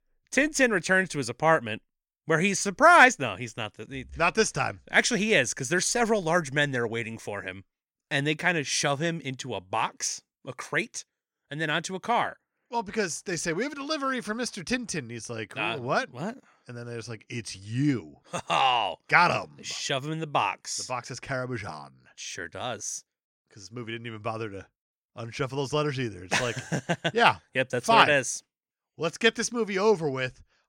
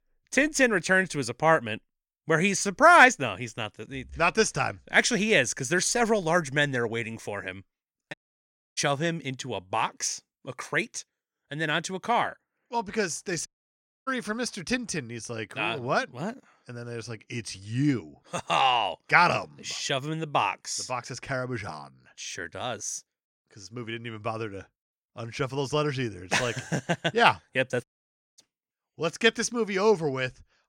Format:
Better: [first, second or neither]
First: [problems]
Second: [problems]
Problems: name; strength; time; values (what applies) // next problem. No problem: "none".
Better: first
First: none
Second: audio cutting out; at 8 s for 0.5 s, at 13 s for 0.5 s and at 28 s for 0.5 s